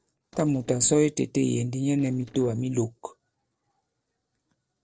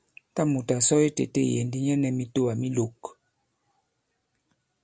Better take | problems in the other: second | noise reduction (neural separator model SepFormer DNS4)

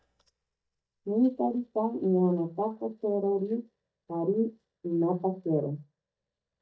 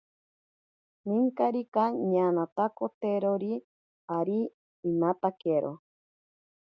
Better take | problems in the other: second | noise reduction (neural mask model DeepFilterNet 3)

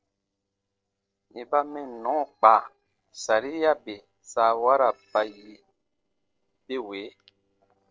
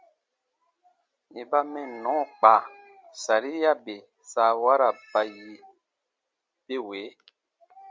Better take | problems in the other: second | noise reduction (neural separator model SepFormer DNS4)

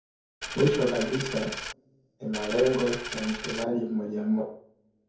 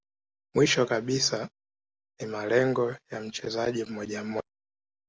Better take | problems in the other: second | background sound (Coin (dropping)); 7 dB below the speech // room echo; dies away in 0.6 s

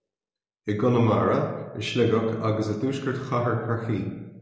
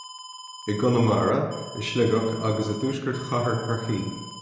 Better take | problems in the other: first | background sound (Alarm); 16 dB below the speech

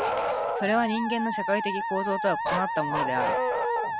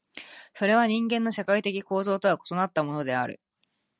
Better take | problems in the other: second | background sound (Musical instrument + Bark); 1 dB above the speech

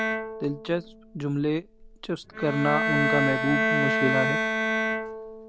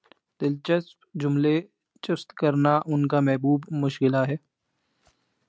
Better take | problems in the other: second | background sound (Bowed string instrument); 1 dB above the speech

